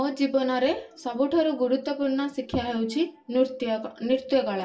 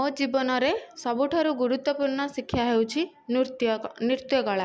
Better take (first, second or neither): second